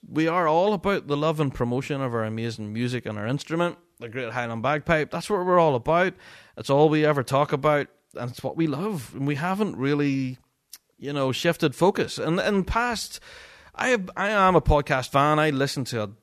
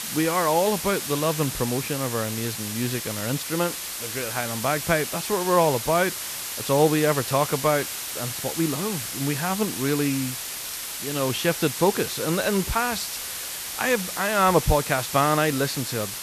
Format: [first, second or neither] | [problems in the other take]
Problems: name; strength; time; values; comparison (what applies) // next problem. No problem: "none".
first | hiss; loud; throughout; 5 dB below the speech